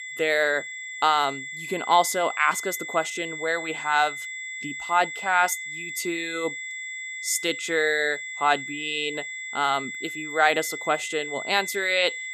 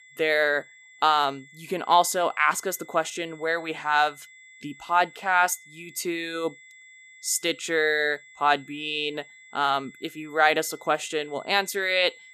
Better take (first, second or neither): second